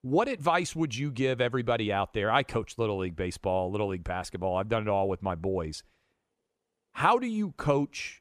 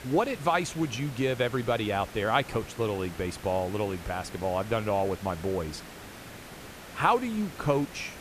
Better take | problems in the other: first | hiss; noticeable; throughout; 15 dB below the speech

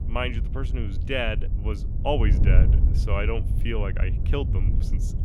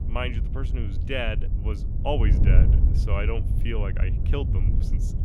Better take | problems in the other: first | wind noise on the microphone; heavy; 8 dB below the speech; occasional gusts in the first

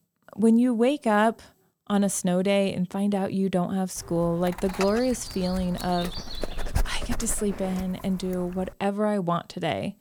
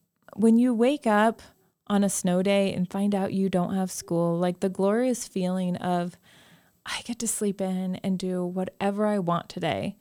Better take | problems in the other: second | dog barking; noticeable; from 4.5 to 8 s; peak 5 dB below the speech

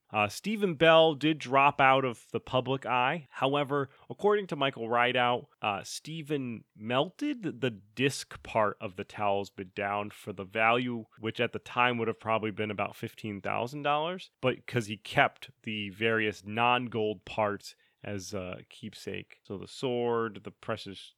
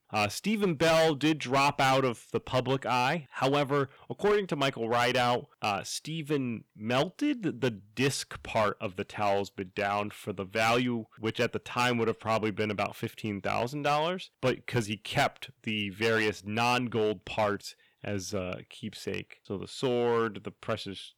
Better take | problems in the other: first | distortion; heavy; 6% of the sound clipped

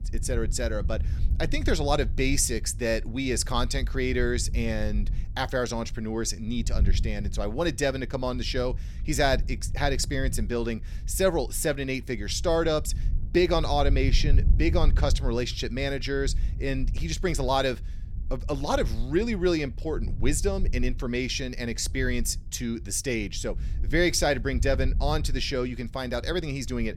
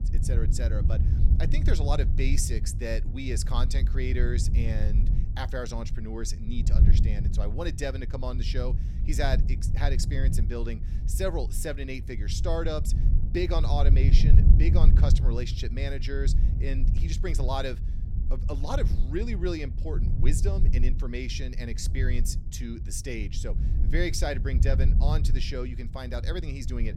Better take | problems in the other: first | low rumble; loud; throughout; 9 dB below the speech; faint in the first

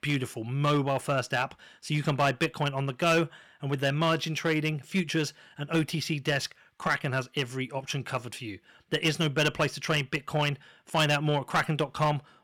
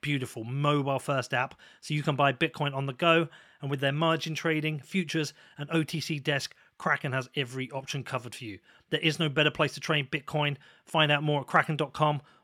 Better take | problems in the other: second | distortion; slight; 3% of the sound clipped

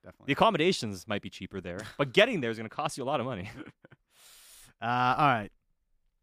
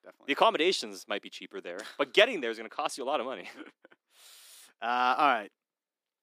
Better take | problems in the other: first | thin; somewhat; fading below 300 Hz

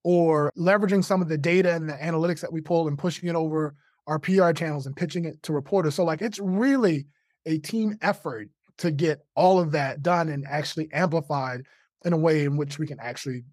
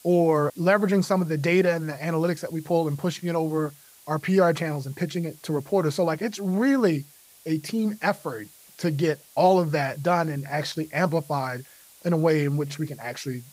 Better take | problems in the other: first | hiss; faint; throughout; 25 dB below the speech

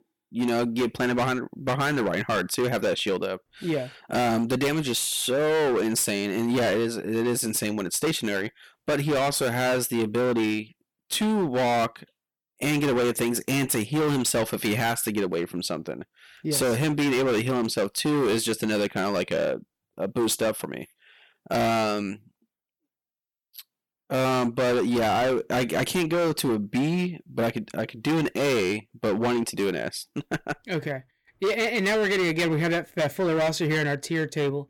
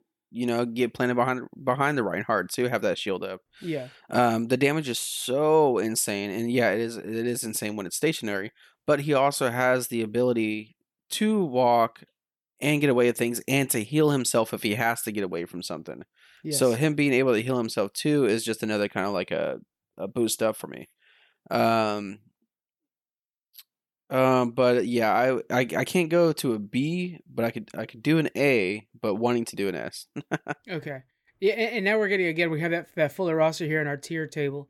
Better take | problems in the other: second | distortion; heavy; 19% of the sound clipped

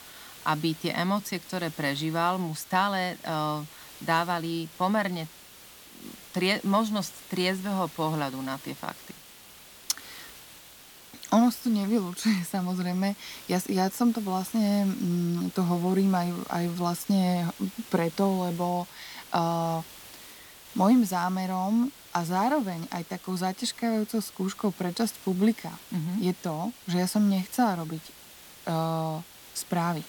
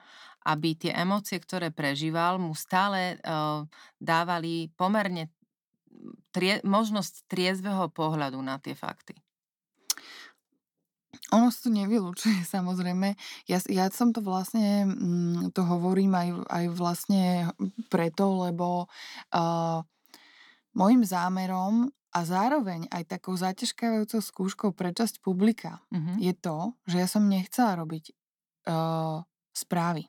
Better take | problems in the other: second | hiss; noticeable; throughout; 15 dB below the speech

